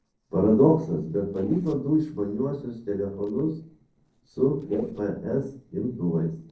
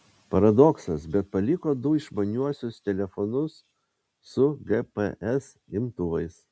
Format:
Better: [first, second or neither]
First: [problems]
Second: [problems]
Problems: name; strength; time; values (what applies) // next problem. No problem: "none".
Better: second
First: noise reduction (neural separator model SepFormer DNS4)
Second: none